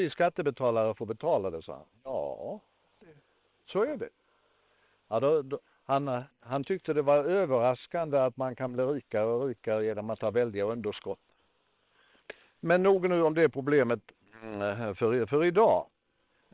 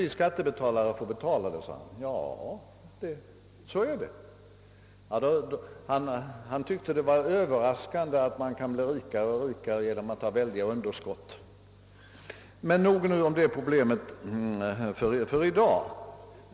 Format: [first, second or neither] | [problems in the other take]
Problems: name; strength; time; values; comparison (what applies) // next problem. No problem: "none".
second | noise reduction (neural separator model SepFormer WHAM!)